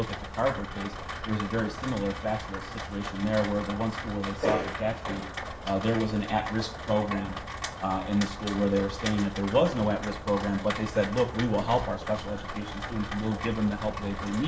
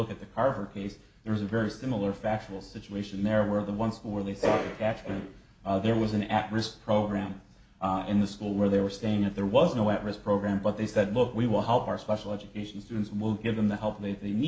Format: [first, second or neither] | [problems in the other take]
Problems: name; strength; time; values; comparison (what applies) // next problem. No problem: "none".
second | background sound (Rain); 8 dB below the speech